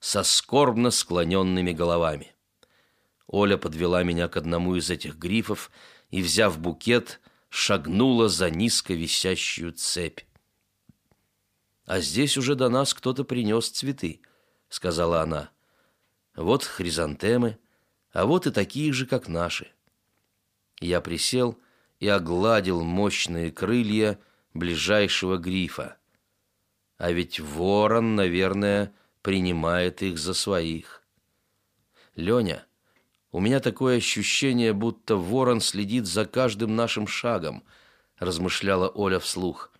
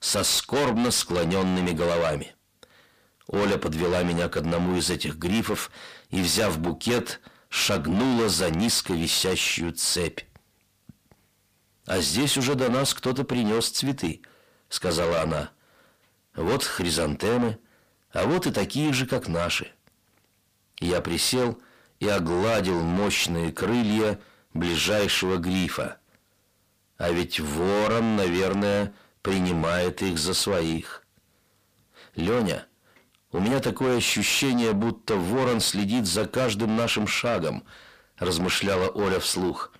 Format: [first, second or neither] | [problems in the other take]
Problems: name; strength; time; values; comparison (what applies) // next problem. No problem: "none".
first | distortion; heavy; 5 dB below the speech